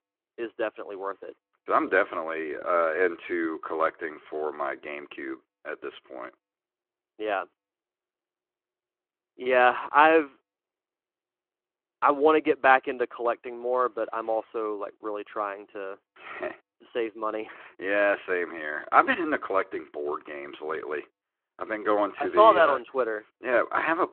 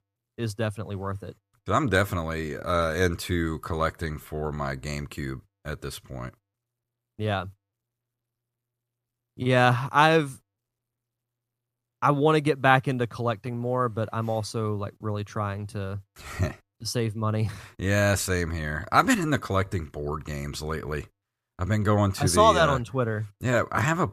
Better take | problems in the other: second | phone-call audio

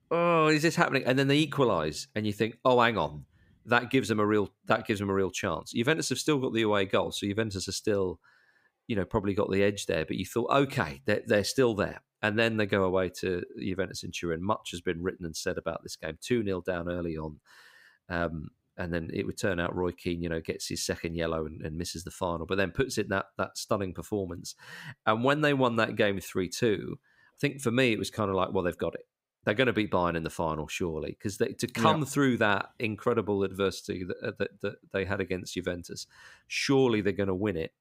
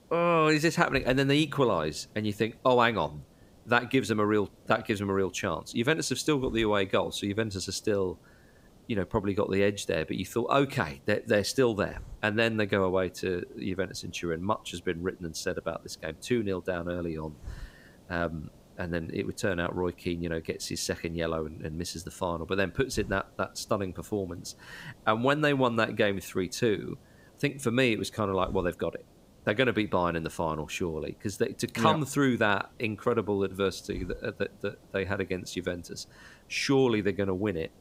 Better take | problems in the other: first | hiss; faint; throughout; 25 dB below the speech

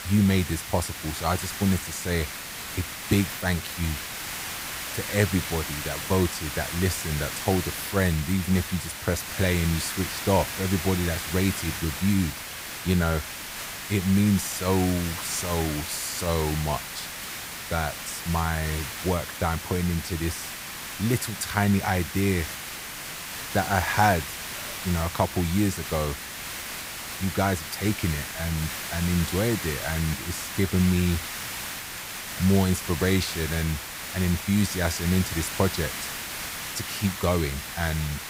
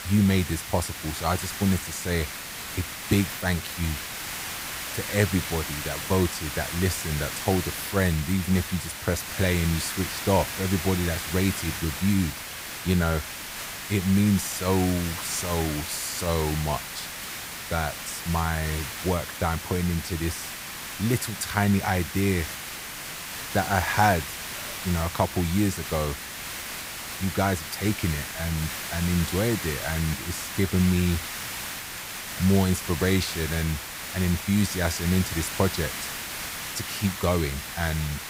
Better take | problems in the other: neither | hiss; loud; throughout; 6 dB below the speech; the same in both

